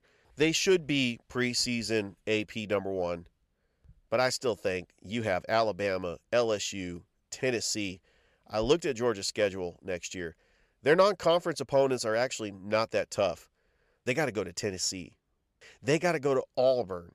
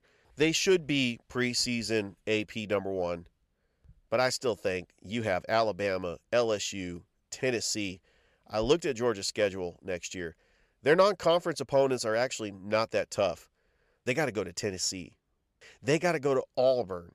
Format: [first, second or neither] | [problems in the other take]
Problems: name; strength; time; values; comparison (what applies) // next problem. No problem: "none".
neither | none